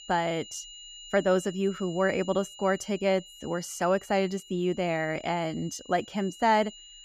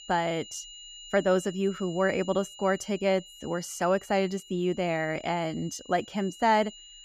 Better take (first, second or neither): neither